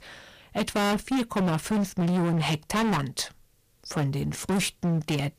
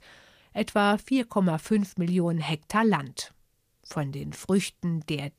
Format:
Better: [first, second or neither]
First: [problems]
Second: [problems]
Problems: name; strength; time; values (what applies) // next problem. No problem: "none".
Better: second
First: distortion; heavy; 25% of the sound clipped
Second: none